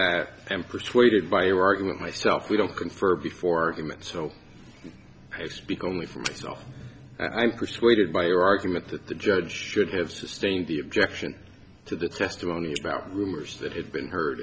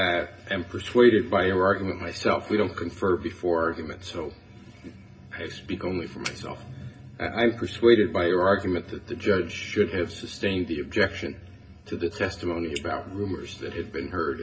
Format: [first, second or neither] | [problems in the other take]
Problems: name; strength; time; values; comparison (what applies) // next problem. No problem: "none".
first | room echo; dies away in 0.4 s